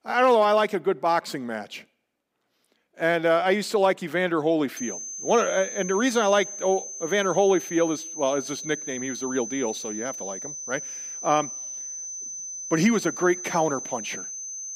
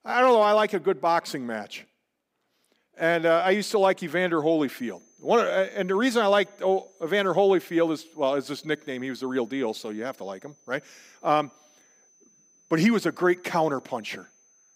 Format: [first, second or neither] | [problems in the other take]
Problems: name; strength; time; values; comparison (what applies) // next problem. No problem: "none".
second | high-pitched whine; loud; from 5 s on; 6 kHz, 8 dB below the speech; faint in the second